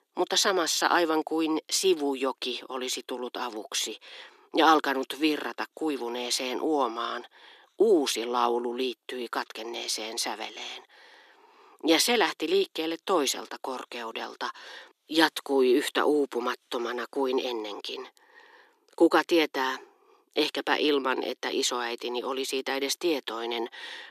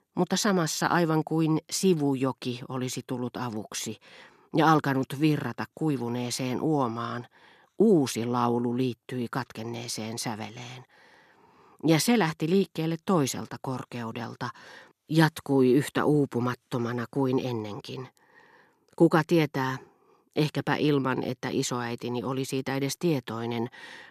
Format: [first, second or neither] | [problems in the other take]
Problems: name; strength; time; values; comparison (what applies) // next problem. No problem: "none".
second | thin; somewhat; fading below 300 Hz